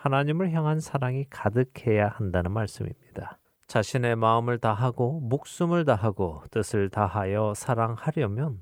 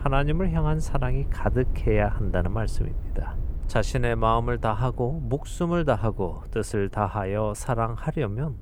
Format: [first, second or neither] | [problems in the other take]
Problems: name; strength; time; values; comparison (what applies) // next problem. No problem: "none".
first | low rumble; faint; throughout; 20 dB below the speech